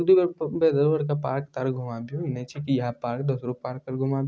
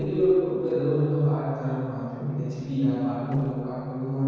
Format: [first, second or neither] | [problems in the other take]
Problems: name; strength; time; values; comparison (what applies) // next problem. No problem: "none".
first | noise reduction (neural separator model SepFormer DNS4)